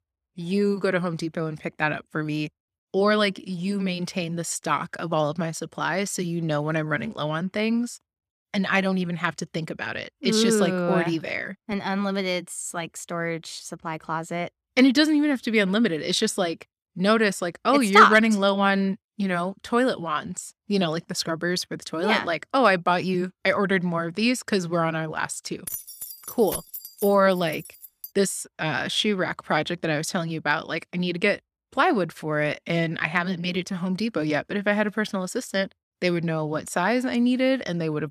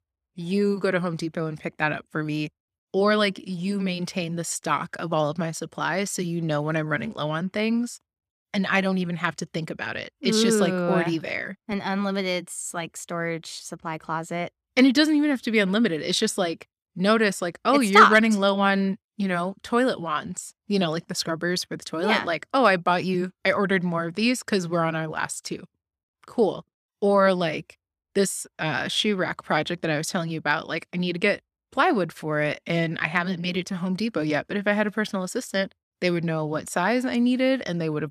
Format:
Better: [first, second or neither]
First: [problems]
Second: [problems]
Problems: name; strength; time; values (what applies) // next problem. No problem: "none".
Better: second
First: jangling keys; noticeable; from 26 to 28 s; peak 8 dB below the speech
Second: none